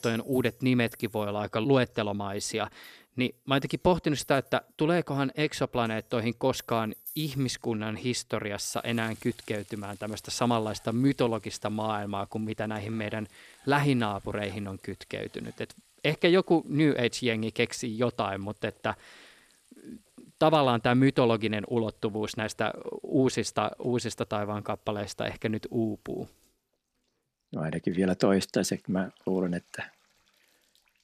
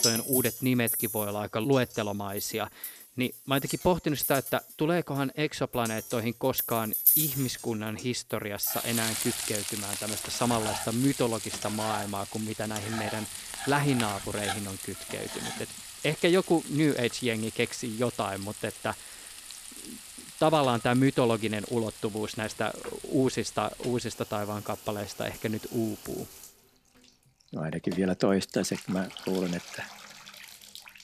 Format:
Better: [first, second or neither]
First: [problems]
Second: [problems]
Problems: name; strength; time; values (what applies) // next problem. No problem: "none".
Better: first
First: household noises; faint; throughout; 25 dB below the speech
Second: household noises; loud; throughout; 4 dB below the speech